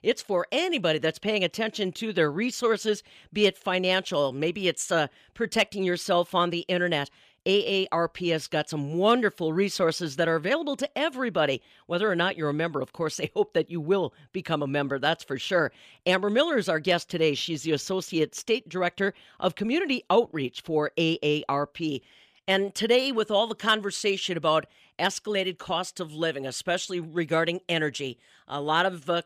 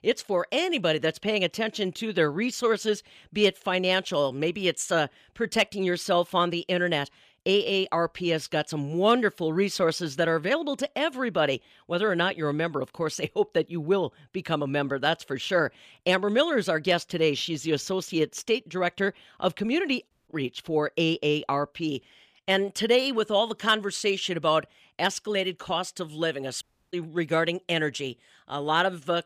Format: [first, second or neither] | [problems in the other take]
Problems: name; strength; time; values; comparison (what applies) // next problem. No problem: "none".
first | audio cutting out; at 20 s and at 27 s